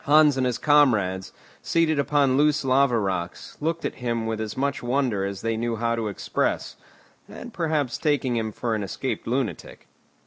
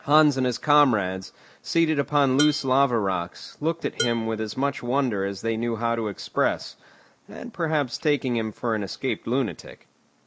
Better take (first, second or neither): first